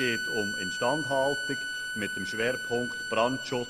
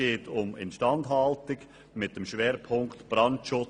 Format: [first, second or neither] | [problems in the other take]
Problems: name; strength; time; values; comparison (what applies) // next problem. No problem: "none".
second | background sound (Bowed string instrument); 3 dB below the speech